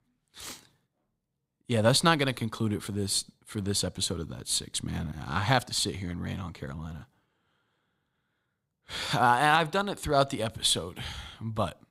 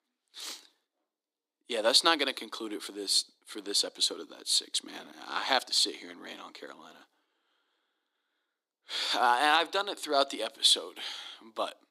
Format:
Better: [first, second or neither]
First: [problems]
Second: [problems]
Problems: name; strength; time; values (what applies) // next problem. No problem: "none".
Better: first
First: none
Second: thin; somewhat; fading below 300 Hz